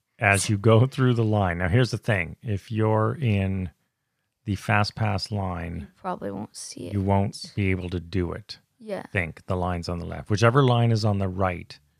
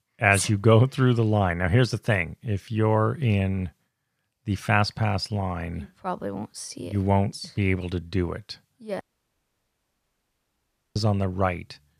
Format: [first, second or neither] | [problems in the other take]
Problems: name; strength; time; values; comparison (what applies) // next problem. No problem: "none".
first | audio cutting out; at 9 s for 2 s